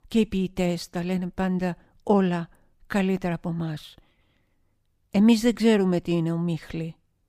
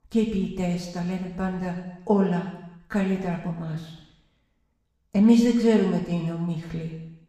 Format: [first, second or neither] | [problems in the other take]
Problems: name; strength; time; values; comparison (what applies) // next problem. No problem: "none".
first | room echo; noticeable; dies away in 0.9 s // off-mic speech; somewhat distant